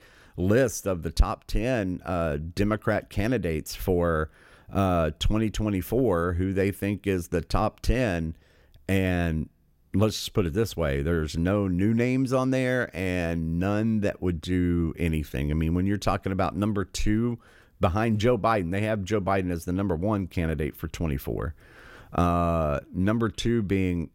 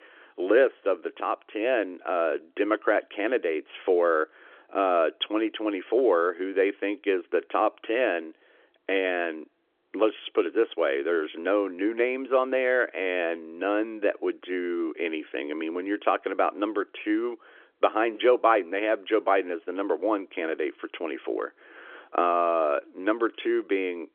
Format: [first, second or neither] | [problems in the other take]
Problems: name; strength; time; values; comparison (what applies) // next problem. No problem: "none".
first | phone-call audio; nothing above 3.5 kHz